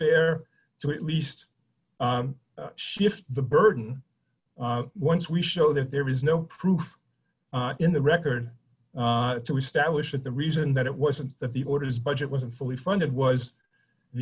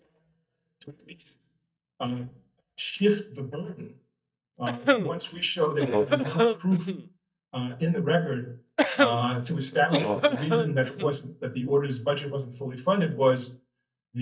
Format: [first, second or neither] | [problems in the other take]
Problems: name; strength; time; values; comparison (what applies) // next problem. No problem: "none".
first | noise reduction (neural mask model DeepFilterNet 3)